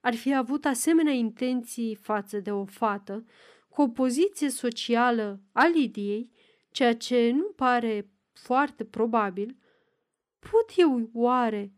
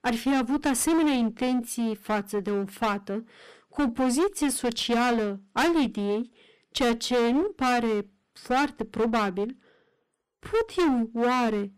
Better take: first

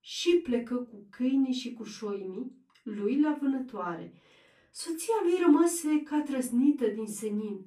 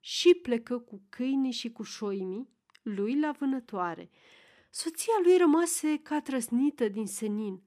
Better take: second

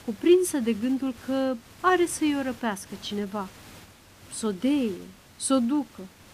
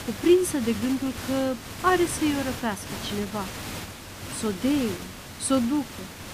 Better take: first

